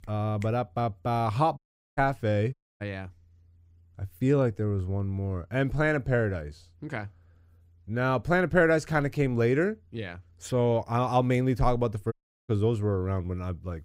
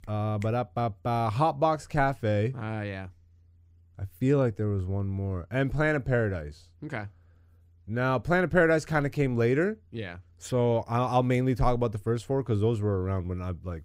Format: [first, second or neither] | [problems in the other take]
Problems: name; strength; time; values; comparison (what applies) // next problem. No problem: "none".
second | audio cutting out; at 1.5 s, at 2.5 s and at 12 s